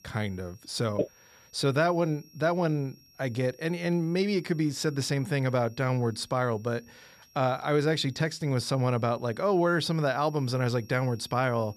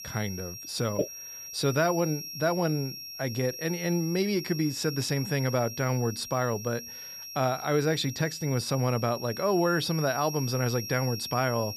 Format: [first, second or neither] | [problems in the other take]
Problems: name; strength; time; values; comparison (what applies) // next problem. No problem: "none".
first | high-pitched whine; loud; throughout; 5.5 kHz, 9 dB below the speech; faint in the first